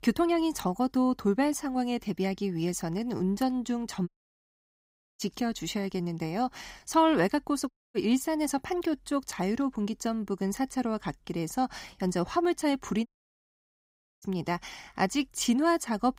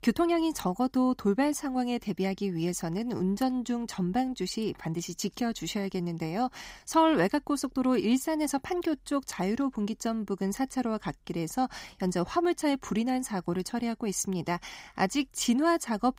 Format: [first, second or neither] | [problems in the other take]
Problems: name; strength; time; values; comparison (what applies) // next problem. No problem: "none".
second | audio cutting out; at 4 s for 1 s, at 7.5 s and at 13 s for 1 s